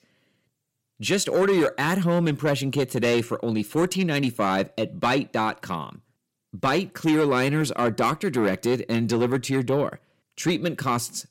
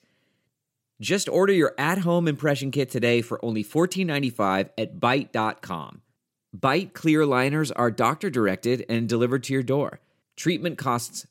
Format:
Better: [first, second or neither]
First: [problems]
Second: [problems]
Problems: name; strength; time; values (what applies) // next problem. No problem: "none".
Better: second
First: distortion; slight; 10 dB below the speech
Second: none